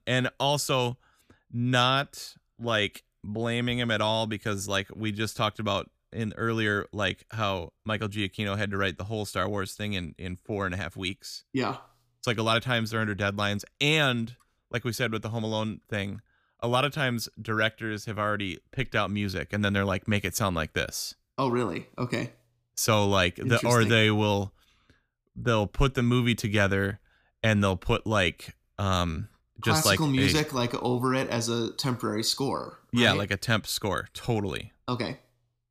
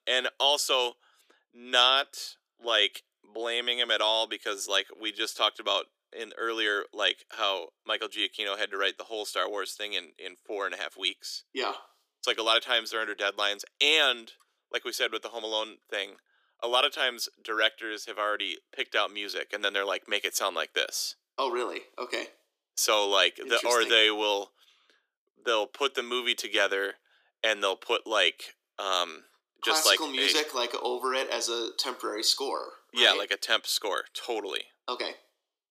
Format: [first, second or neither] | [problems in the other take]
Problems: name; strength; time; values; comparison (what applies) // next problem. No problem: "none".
first | thin; very; fading below 350 Hz